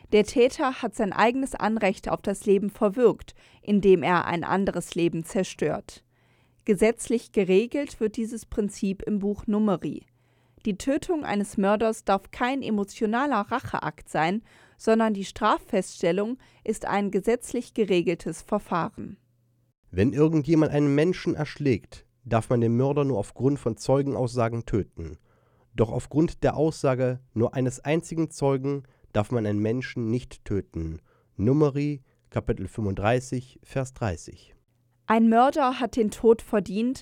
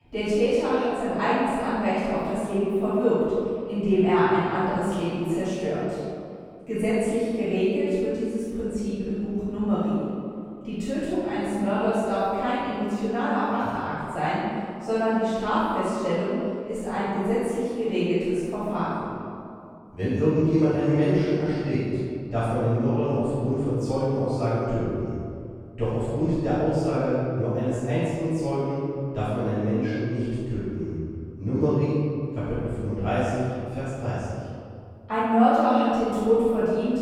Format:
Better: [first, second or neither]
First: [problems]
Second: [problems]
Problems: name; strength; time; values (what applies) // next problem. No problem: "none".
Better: first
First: none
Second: off-mic speech; far // room echo; strong; dies away in 2.2 s